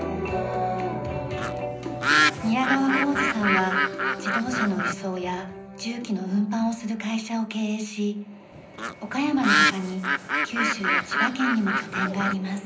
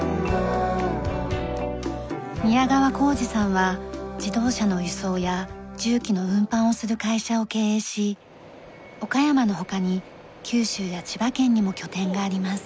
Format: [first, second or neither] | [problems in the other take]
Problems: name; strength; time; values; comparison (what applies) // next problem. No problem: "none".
second | background sound (Bird); 2 dB above the speech // room echo; dies away in 0.5 s